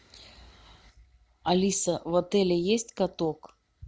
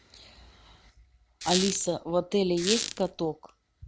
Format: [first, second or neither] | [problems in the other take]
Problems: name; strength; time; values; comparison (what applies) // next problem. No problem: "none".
first | background sound (Squeak); 3 dB below the speech